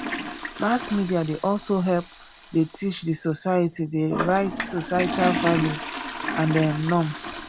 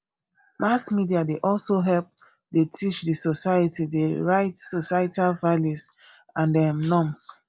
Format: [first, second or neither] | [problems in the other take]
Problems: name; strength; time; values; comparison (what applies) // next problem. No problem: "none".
second | background sound (Toilet flush); 7 dB below the speech